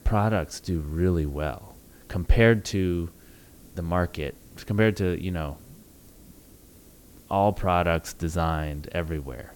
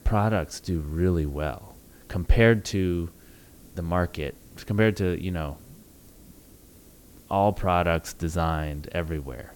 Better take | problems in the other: neither | hiss; faint; throughout; 25 dB below the speech; the same in both

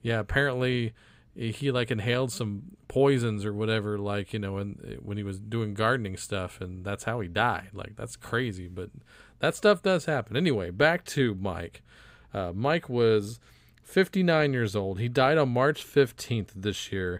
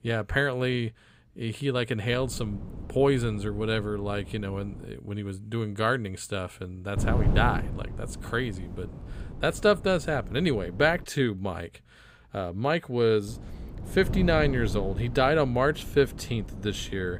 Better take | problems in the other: first | wind noise on the microphone; occasional gusts; from 2 to 5 s, from 7 to 11 s and from 13 s on; 15 dB below the speech

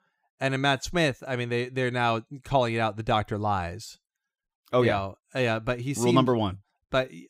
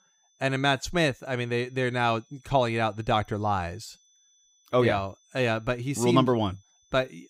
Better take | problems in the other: first | high-pitched whine; faint; throughout; 6 kHz, 35 dB below the speech

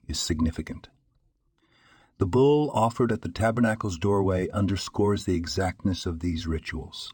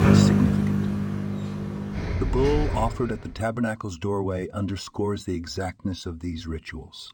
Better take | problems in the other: first | traffic noise; very loud; until 3 s; 4 dB above the speech

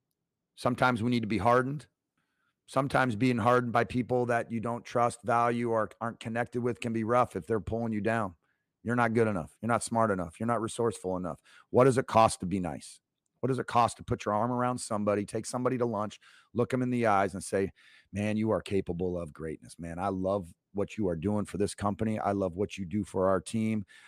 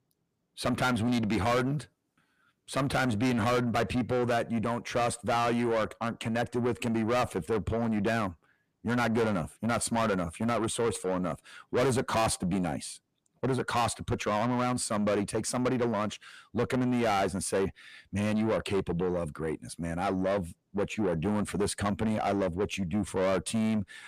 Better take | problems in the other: first | distortion; heavy; 6 dB below the speech

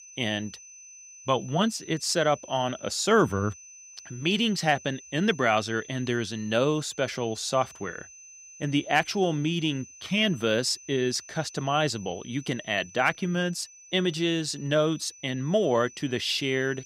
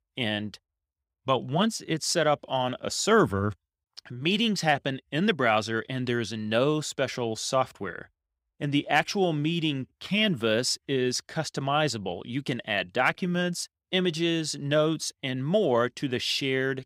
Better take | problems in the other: second | high-pitched whine; noticeable; throughout; 6 kHz, 20 dB below the speech

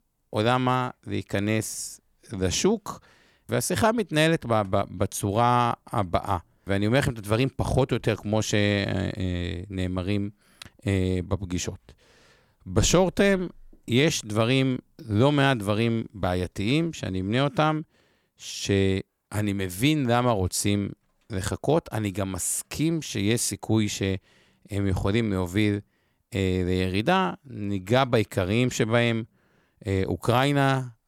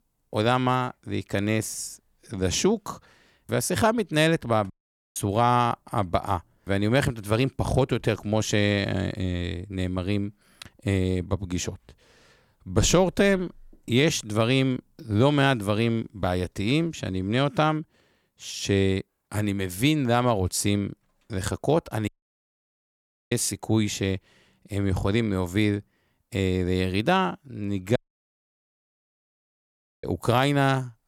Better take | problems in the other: first | audio cutting out; at 4.5 s, at 22 s for 1 s and at 28 s for 2 s

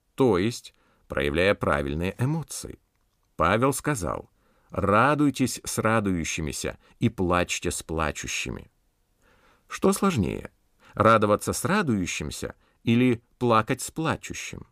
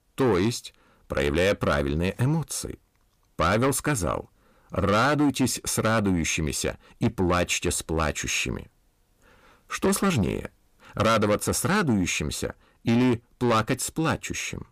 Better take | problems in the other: first | distortion; heavy; 8 dB below the speech

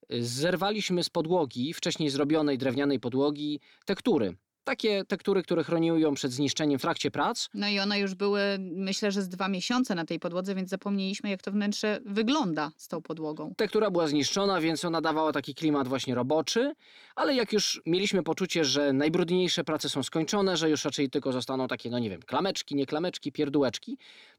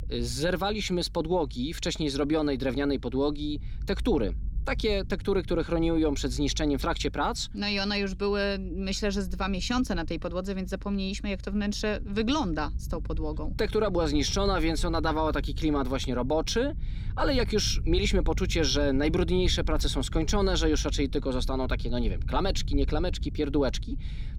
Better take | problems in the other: first | low rumble; faint; throughout; 25 dB below the speech

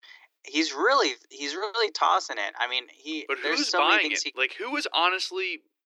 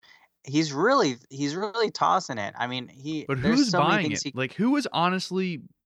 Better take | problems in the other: second | thin; very; fading below 300 Hz

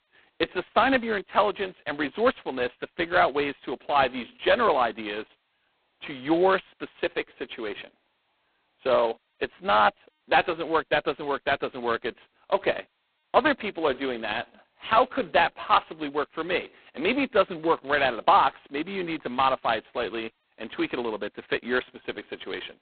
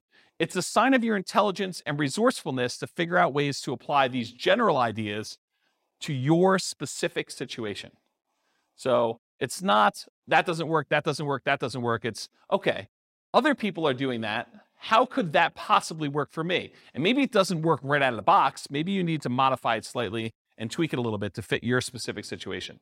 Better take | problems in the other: second | phone-call audio; poor line; nothing above 4 kHz

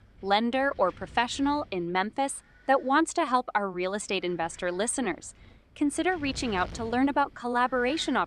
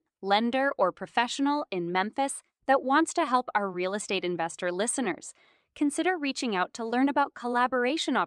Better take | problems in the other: second | wind noise on the microphone; occasional gusts; 25 dB below the speech

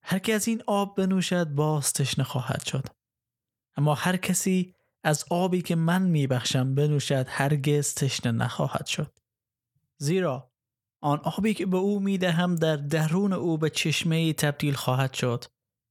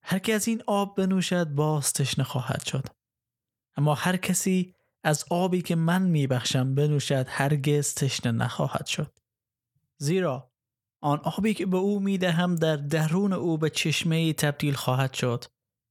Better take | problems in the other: neither | none

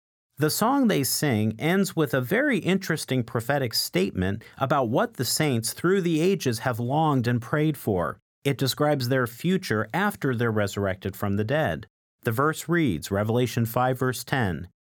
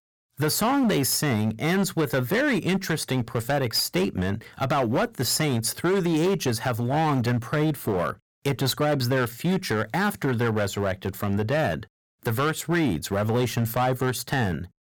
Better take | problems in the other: first | distortion; slight; 13% of the sound clipped

